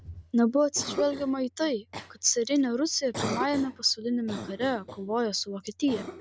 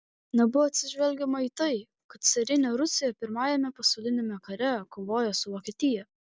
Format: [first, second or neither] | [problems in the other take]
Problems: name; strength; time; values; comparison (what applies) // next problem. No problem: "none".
second | background sound (Cough); 11 dB below the speech